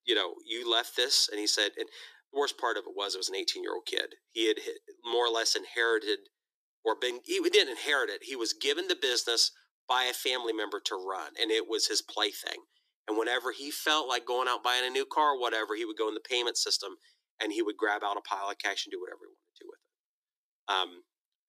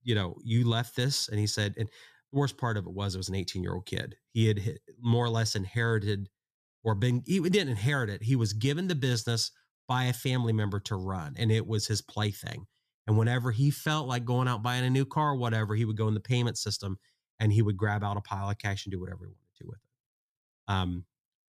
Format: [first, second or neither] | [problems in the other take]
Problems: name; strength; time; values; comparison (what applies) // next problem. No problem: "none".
second | thin; very; fading below 300 Hz